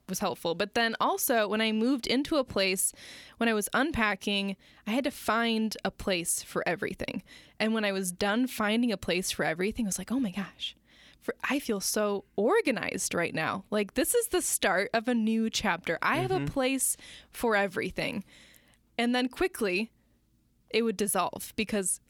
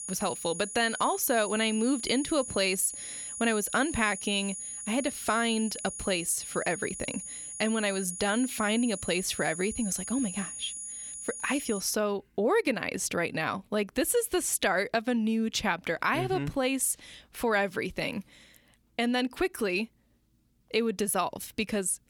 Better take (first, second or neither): first